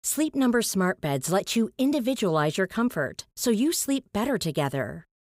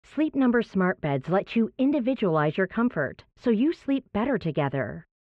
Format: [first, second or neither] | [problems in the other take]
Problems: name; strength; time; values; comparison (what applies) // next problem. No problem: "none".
first | muffled; very; fading above 2.5 kHz